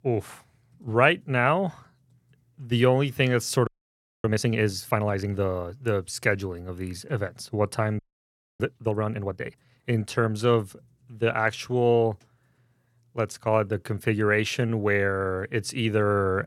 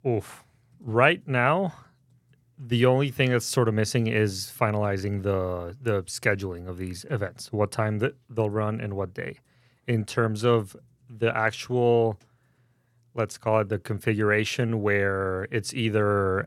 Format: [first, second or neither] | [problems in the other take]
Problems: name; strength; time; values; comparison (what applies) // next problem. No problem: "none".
second | audio freezing; at 3.5 s for 0.5 s and at 8 s for 0.5 s